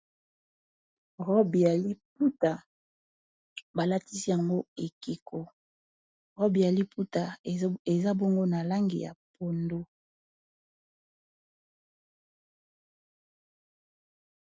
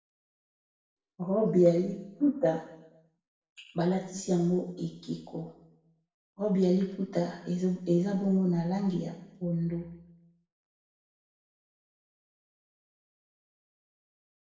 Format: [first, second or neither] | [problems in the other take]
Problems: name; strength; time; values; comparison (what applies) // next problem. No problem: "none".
first | room echo; dies away in 0.8 s